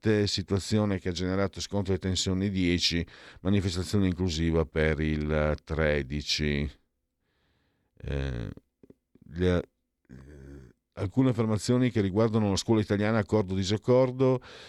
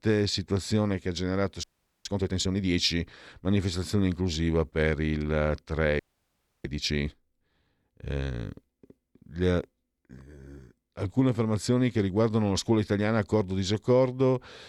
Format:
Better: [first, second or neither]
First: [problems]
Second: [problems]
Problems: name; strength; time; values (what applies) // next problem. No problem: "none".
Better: first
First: none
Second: audio freezing; at 1.5 s and at 6 s for 0.5 s